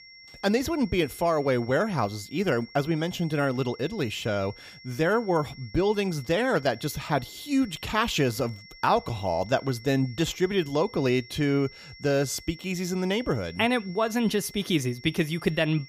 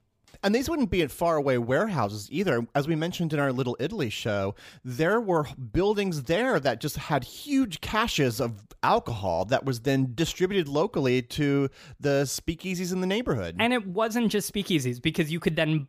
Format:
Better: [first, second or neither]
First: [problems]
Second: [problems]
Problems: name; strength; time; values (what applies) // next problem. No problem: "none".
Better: second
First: high-pitched whine; noticeable; throughout; 2 kHz, 20 dB below the speech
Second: none